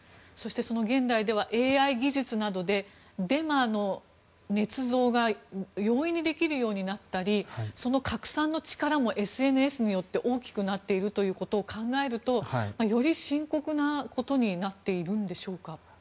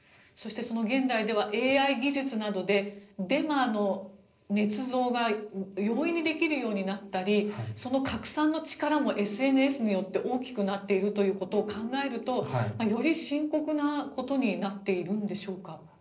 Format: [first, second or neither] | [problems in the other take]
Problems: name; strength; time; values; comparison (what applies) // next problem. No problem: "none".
first | noise reduction (neural separator model SepFormer DNS4)